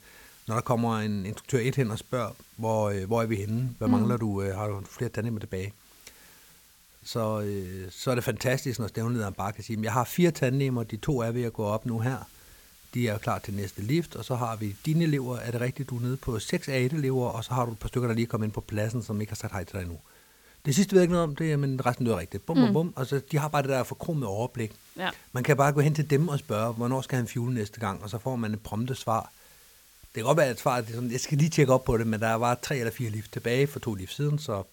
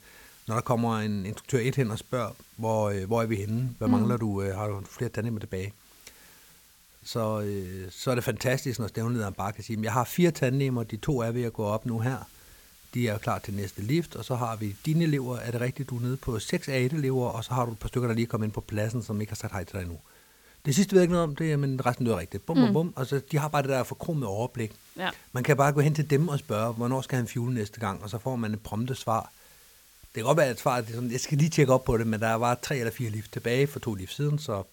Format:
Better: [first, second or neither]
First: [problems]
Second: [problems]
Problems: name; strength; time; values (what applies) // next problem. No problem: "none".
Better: neither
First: hiss; faint; throughout; 25 dB below the speech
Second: hiss; faint; throughout; 25 dB below the speech